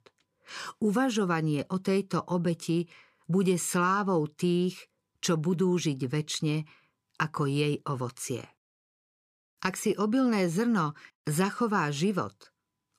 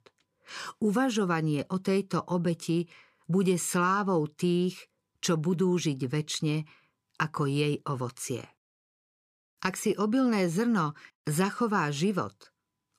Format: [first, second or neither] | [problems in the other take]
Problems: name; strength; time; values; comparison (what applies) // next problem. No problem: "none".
neither | none